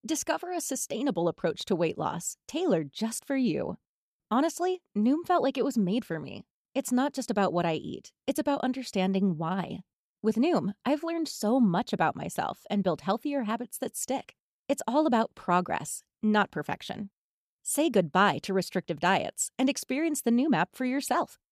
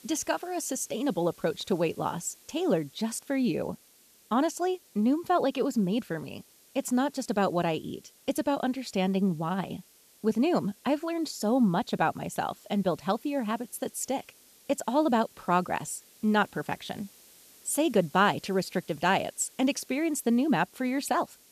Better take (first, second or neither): first